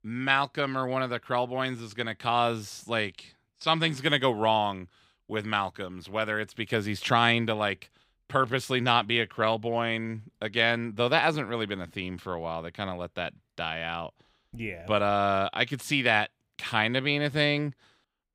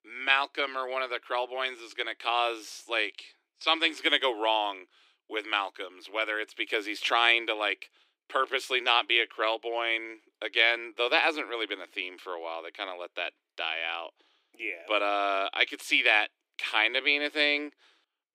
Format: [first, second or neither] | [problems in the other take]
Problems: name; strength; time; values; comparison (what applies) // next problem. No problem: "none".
first | thin; somewhat; fading below 300 Hz